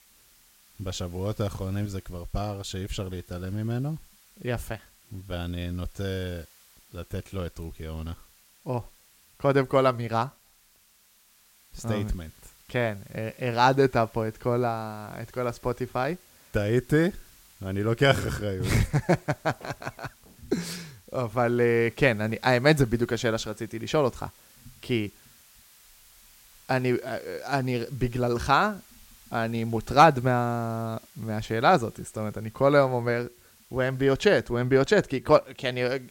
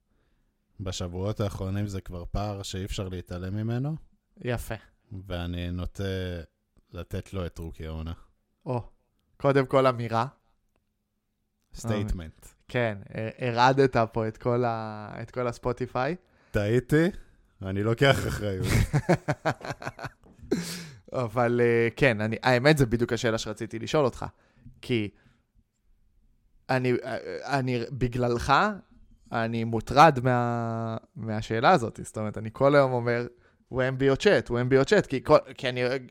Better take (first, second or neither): second